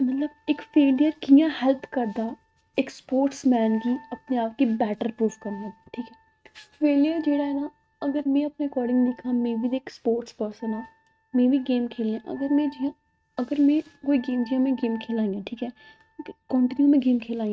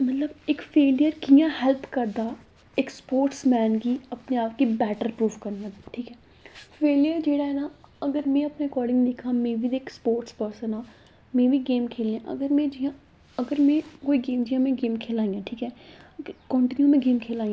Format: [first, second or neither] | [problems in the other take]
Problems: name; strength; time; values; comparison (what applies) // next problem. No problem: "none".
second | noise reduction (neural mask model RNNoise)